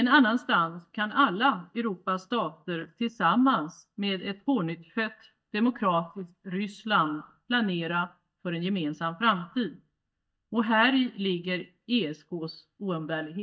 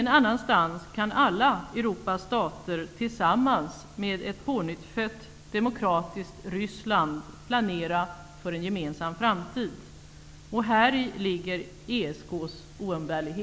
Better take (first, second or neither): second